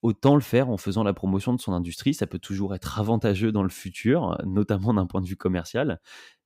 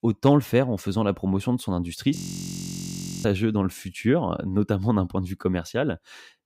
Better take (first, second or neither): first